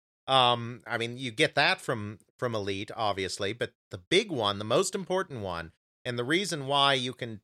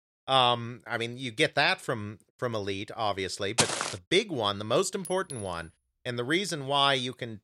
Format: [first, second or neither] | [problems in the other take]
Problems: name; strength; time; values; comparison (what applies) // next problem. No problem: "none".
first | footsteps; loud; at 3.5 s; peak 2 dB above the speech // clattering dishes; faint; at 5 s; peak 15 dB below the speech